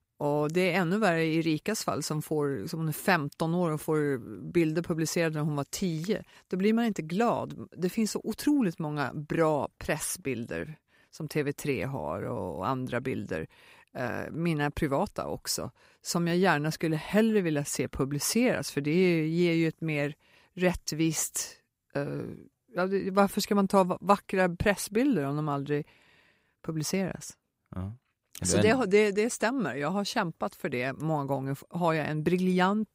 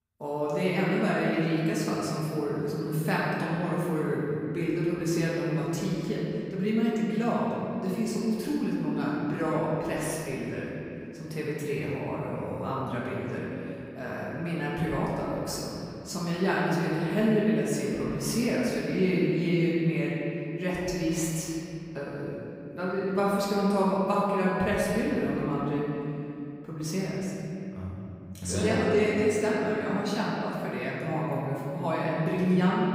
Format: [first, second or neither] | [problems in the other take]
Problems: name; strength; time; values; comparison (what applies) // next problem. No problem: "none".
first | room echo; strong; dies away in 2.8 s // off-mic speech; far